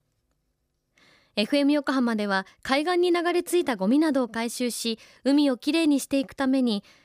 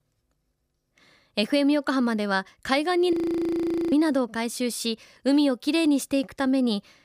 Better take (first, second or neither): first